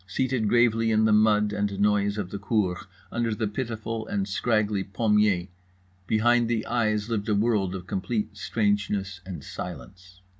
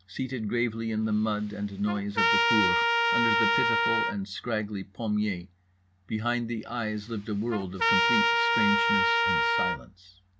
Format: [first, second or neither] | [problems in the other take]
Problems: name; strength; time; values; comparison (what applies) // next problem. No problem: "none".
first | background sound (Trumpet); 4 dB above the speech